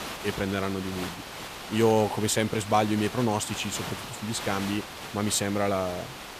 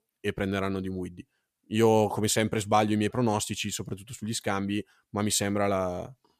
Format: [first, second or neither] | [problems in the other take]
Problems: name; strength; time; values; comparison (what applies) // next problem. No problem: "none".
second | hiss; loud; throughout; 9 dB below the speech